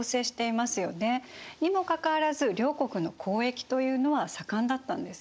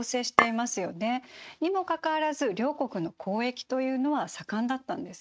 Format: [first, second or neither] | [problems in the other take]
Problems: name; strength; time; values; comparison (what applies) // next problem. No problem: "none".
first | noise reduction (neural mask model RNNoise)